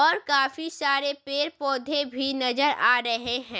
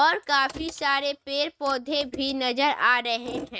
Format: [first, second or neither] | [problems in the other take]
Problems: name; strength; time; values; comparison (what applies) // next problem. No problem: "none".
first | noise reduction (neural mask model RNNoise)